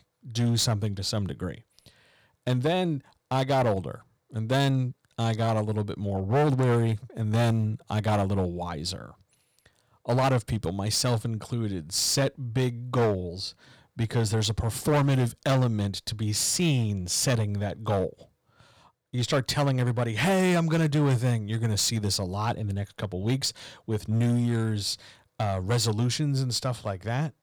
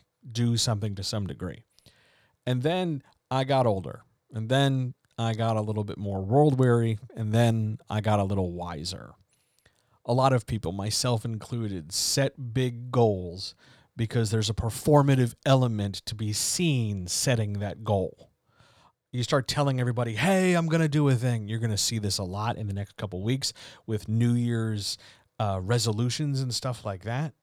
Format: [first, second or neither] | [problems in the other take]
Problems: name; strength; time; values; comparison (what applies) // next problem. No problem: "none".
second | distortion; slight; 7% of the sound clipped